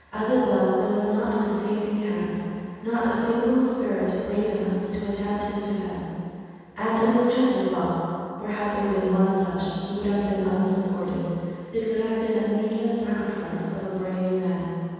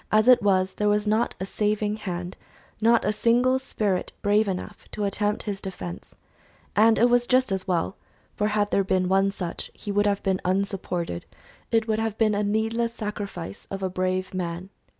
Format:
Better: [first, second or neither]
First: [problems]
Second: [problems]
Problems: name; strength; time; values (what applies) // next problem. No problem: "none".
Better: second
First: room echo; dies away in 2.1 s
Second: none